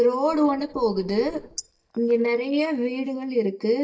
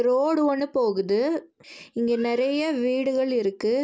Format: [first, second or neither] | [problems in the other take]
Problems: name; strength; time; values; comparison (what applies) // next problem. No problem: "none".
second | noise reduction (neural mask model DeepFilterNet 3)